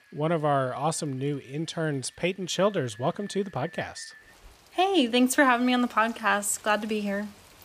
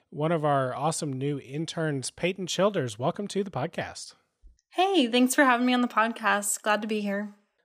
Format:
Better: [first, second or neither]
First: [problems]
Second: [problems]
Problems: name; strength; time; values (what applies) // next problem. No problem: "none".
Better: second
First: rain or running water; faint; throughout; 25 dB below the speech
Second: none